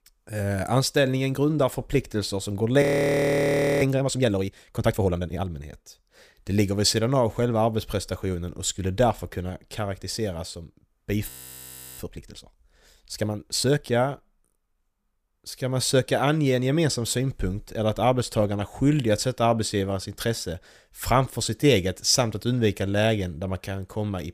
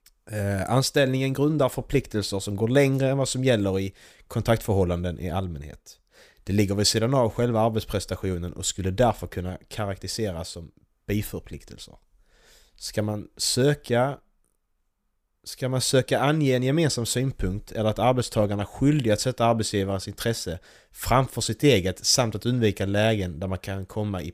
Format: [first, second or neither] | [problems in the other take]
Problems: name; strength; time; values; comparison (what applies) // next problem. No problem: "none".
second | audio freezing; at 3 s for 1 s and at 11 s for 0.5 s